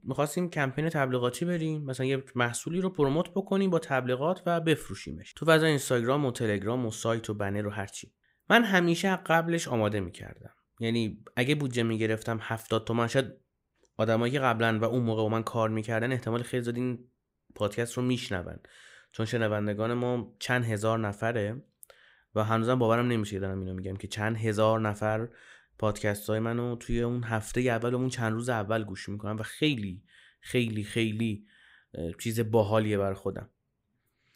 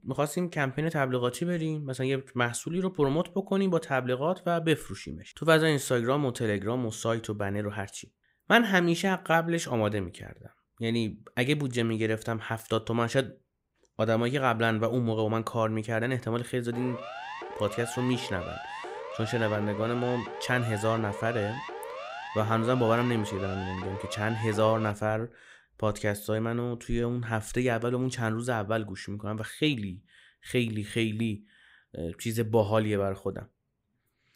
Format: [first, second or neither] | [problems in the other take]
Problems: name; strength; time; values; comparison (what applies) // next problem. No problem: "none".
first | siren; noticeable; from 17 to 25 s; peak 9 dB below the speech